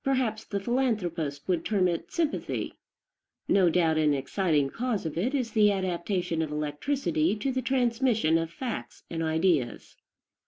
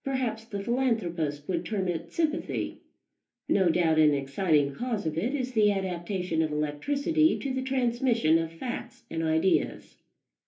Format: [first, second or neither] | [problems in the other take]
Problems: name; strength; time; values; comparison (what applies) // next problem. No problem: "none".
first | room echo; dies away in 0.3 s